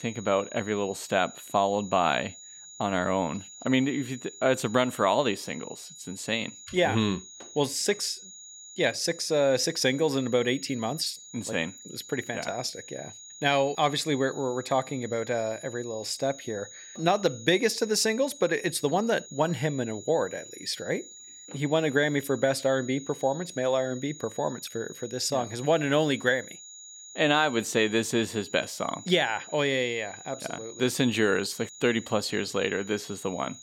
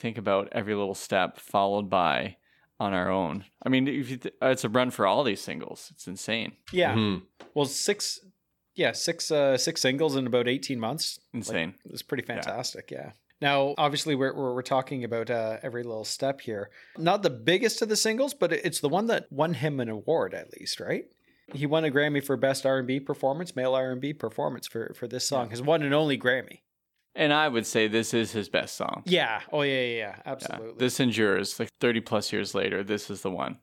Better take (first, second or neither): second